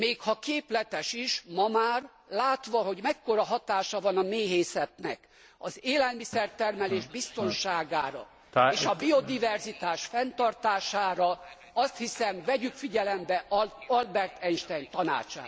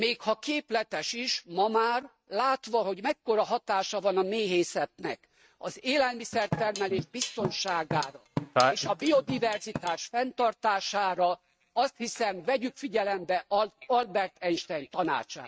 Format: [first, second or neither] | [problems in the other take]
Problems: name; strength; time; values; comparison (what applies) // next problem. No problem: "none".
first | noise reduction (neural mask model RNNoise)